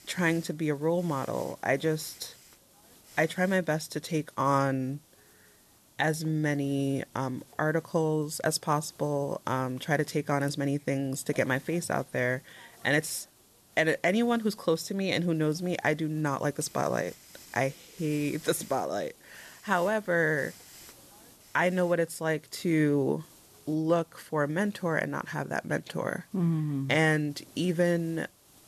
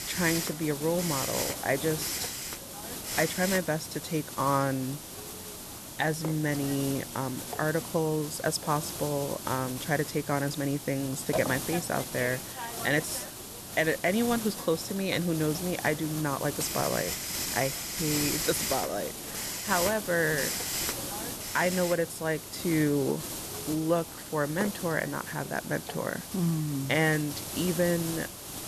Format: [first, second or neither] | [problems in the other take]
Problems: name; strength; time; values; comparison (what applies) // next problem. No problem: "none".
first | hiss; loud; throughout; 4 dB below the speech; faint in the first